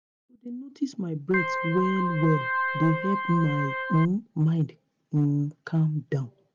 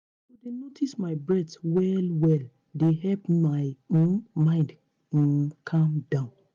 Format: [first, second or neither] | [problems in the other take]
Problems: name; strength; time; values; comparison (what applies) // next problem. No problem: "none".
second | background sound (Organ); 2 dB below the speech